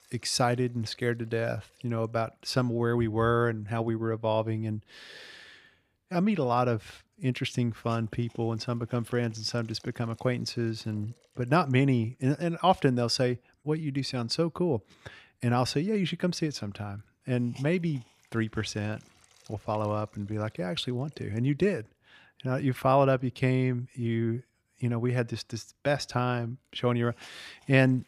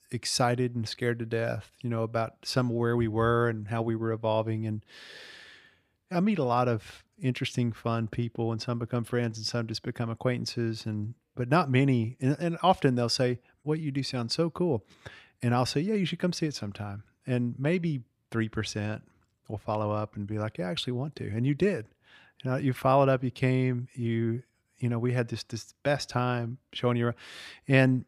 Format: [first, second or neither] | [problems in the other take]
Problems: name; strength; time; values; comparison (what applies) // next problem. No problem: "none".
second | hiss; faint; throughout; 30 dB below the speech